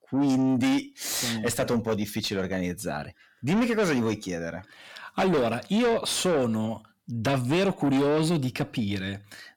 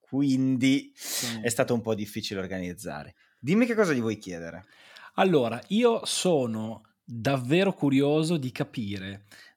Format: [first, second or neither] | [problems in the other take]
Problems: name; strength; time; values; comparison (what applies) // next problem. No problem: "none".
second | distortion; heavy; 8 dB below the speech